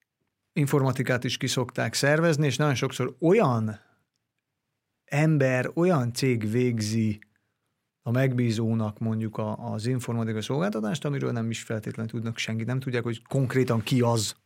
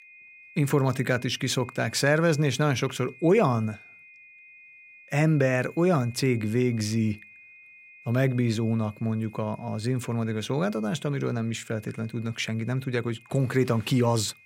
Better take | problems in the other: first | high-pitched whine; faint; throughout; 2.5 kHz, 25 dB below the speech

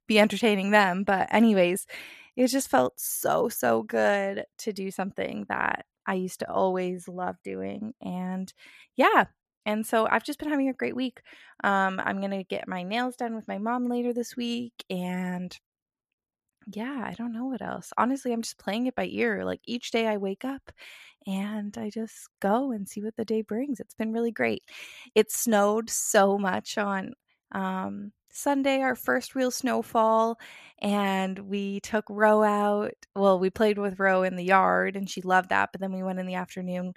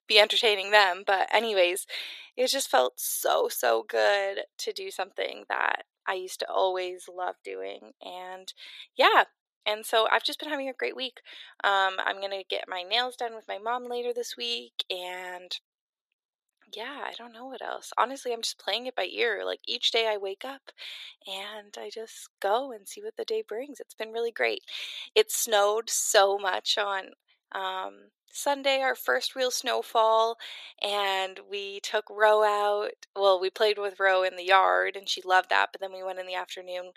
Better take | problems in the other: first | thin; very; fading below 350 Hz

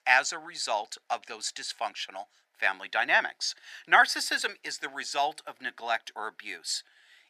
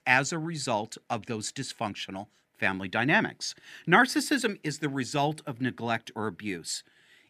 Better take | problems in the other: second | thin; very; fading below 750 Hz

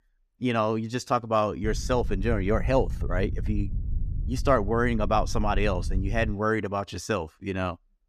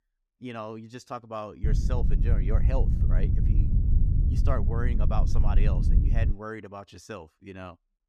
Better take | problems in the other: first | low rumble; loud; from 1.5 to 6.5 s; 4 dB below the speech; faint in the first

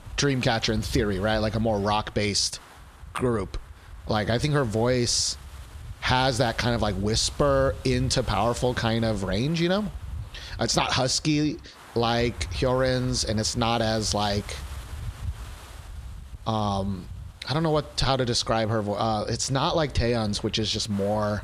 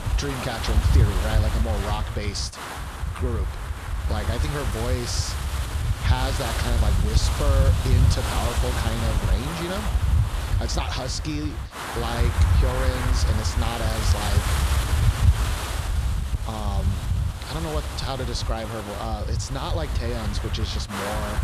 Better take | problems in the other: first | wind noise on the microphone; heavy; 1 dB below the speech; occasional gusts in the first

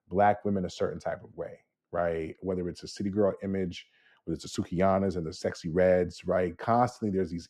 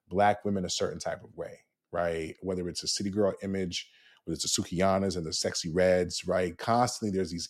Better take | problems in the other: second | muffled; slightly; fading above 3 kHz

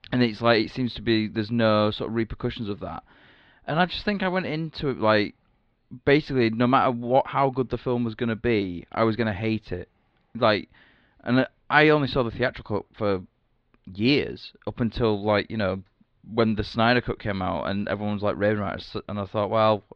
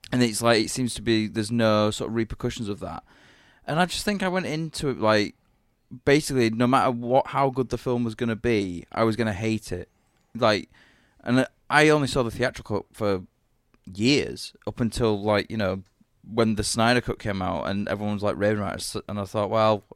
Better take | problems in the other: second | muffled; very slightly; fading above 4 kHz

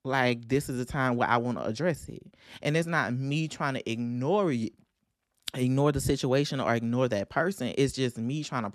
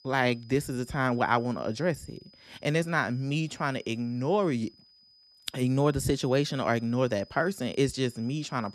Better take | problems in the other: first | high-pitched whine; faint; throughout; 5 kHz, 25 dB below the speech

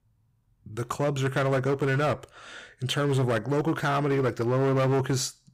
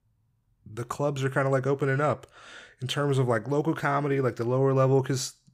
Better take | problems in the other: second | distortion; slight; 13% of the sound clipped

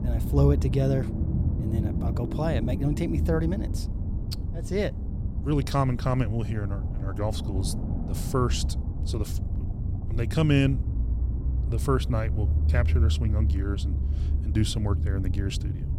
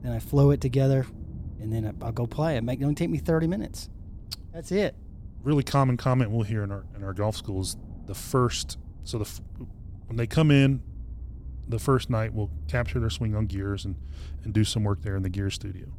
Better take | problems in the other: second | low rumble; loud; throughout; 9 dB below the speech; faint in the second

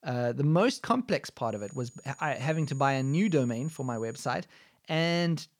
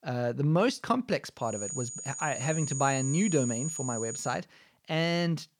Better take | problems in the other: first | high-pitched whine; loud; from 1.5 to 4.5 s; 7 kHz, 5 dB below the speech; faint in the first

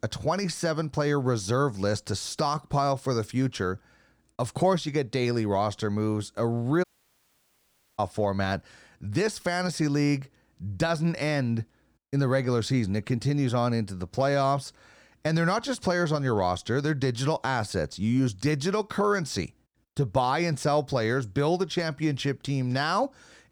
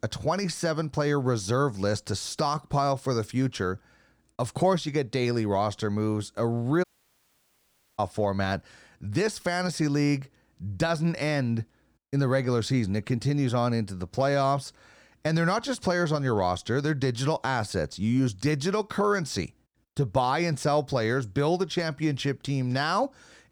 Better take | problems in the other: neither | audio cutting out; at 7 s for 1 s; the same in both

